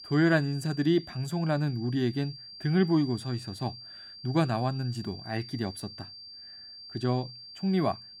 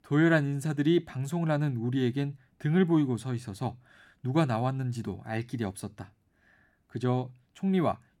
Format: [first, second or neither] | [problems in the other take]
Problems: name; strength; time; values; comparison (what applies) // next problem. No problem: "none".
second | high-pitched whine; noticeable; throughout; 4.5 kHz, 15 dB below the speech